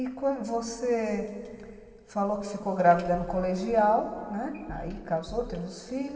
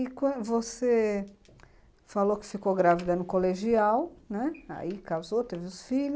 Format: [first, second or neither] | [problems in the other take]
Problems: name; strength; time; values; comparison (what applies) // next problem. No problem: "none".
second | background sound (Bass drum); 14 dB below the speech // room echo; dies away in 2.3 s